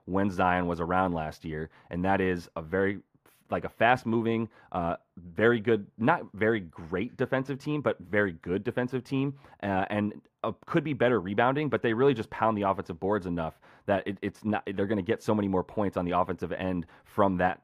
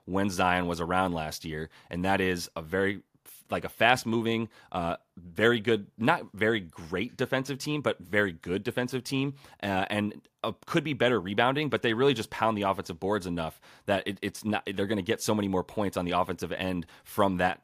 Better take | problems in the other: second | muffled; slightly; fading above 3 kHz

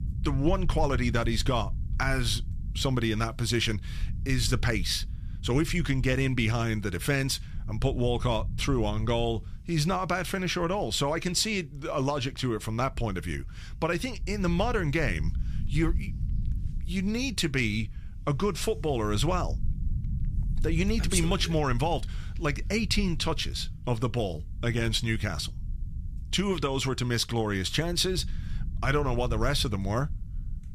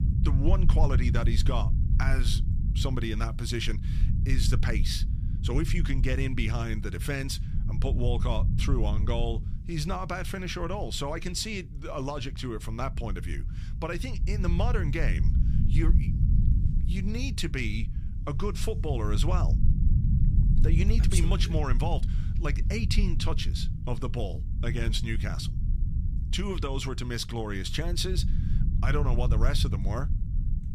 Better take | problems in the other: first | low rumble; loud; throughout; 9 dB below the speech; faint in the first

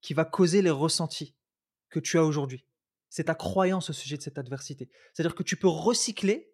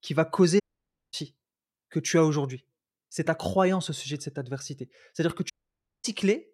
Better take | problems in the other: first | audio cutting out; at 0.5 s for 0.5 s and at 5.5 s for 0.5 s

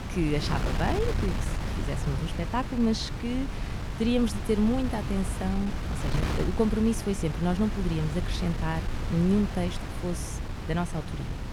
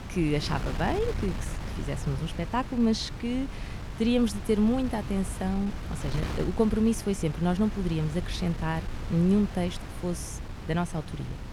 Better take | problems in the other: second | wind noise on the microphone; heavy; 5 dB below the speech; occasional gusts in the second

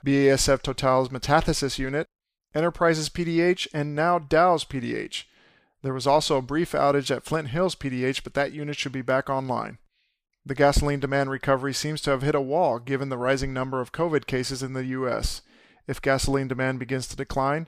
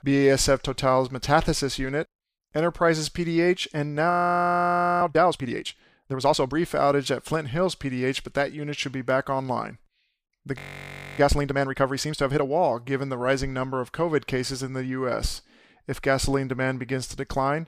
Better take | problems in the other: first | audio freezing; at 4 s for 1 s and at 11 s for 0.5 s

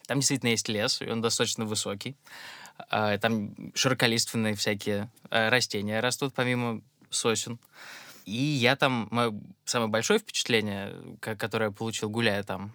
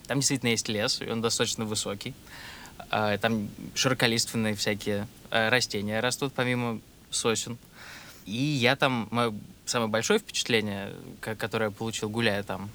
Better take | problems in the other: first | hiss; faint; throughout; 25 dB below the speech

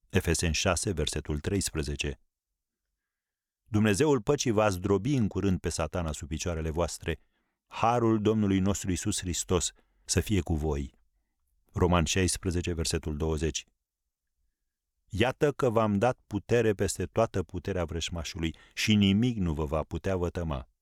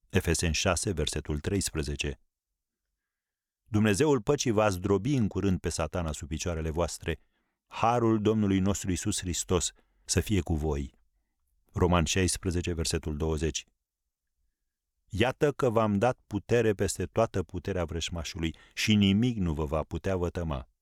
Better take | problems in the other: neither | none

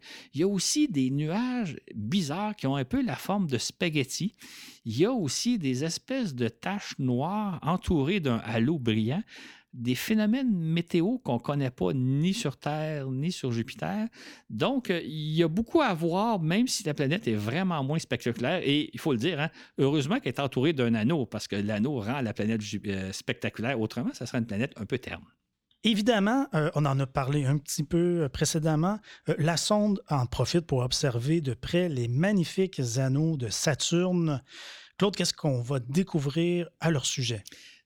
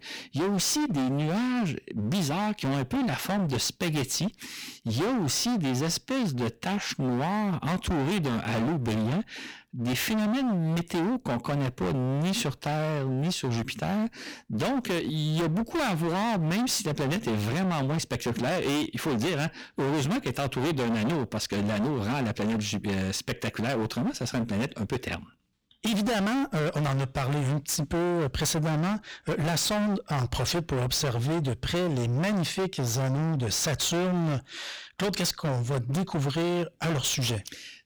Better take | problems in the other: first | distortion; heavy; 38% of the sound clipped

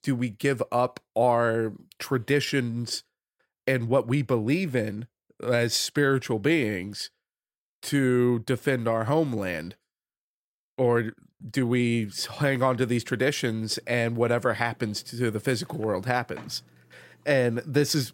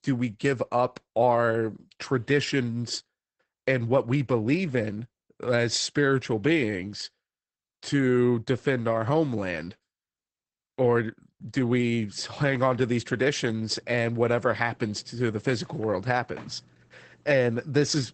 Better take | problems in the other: first | garbled, watery; badly; nothing above 8 kHz

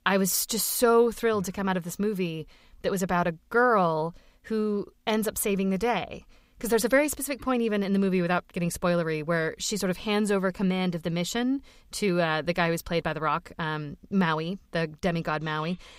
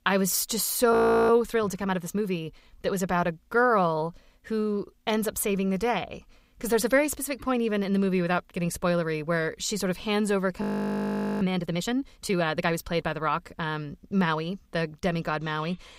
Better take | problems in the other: first | audio freezing; at 1 s and at 11 s for 1 s

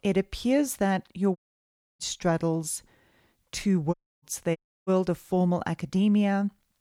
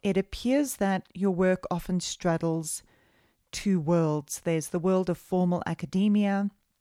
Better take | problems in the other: second | audio cutting out; at 1.5 s for 0.5 s, at 4 s and at 4.5 s

